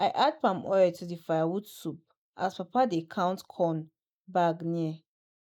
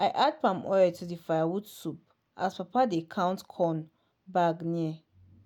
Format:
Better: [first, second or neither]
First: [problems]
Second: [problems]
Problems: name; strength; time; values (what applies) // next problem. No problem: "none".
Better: second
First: noise reduction (neural mask model Resemble Enhance denoiser)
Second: none